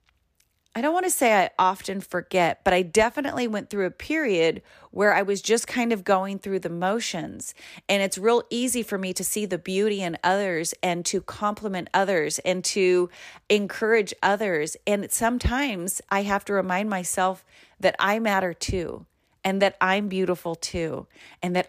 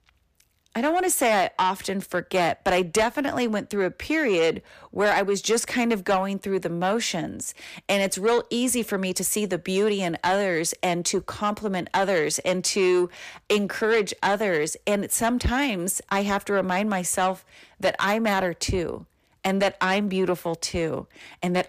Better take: first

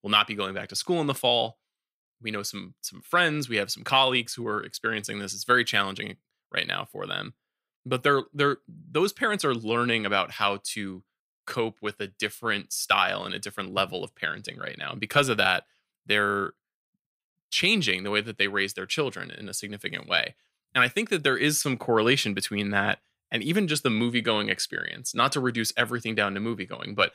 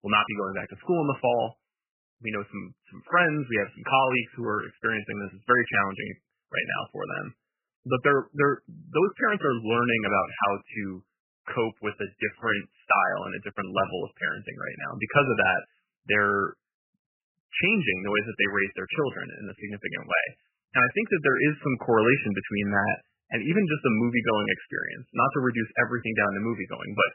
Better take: first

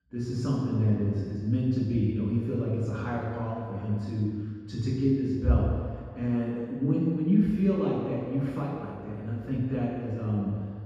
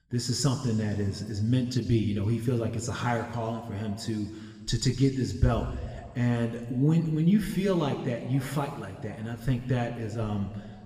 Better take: second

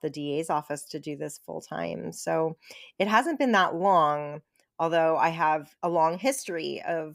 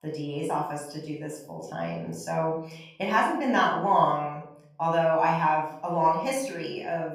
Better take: first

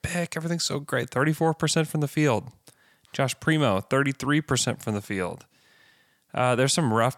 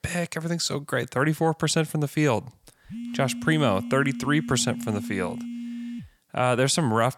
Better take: first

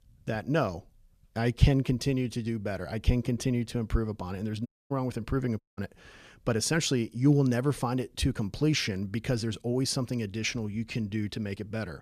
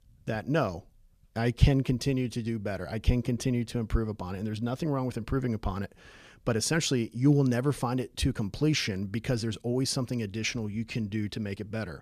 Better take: second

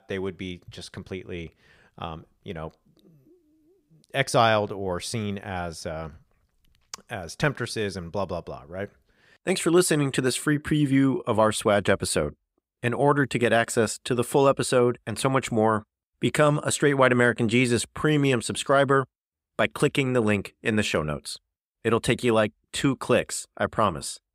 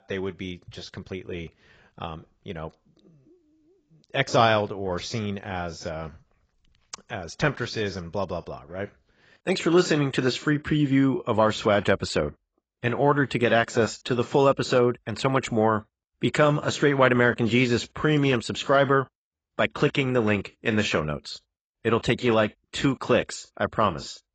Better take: first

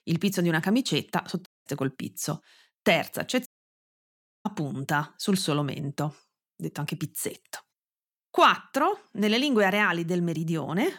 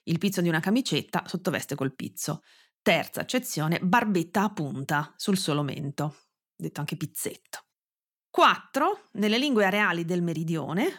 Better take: second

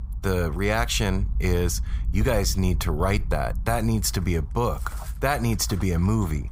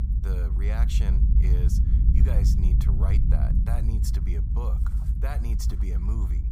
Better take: first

